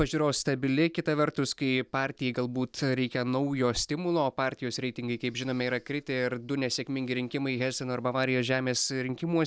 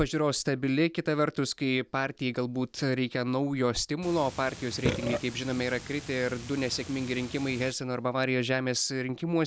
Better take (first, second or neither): first